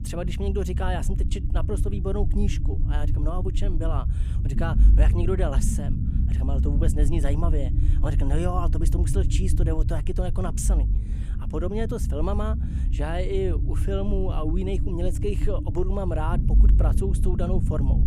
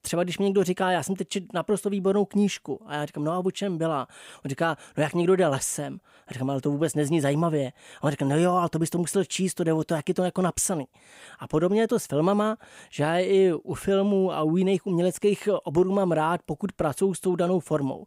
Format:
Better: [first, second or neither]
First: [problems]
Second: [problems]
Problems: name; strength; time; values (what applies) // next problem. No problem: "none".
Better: second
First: low rumble; loud; throughout; 8 dB below the speech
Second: none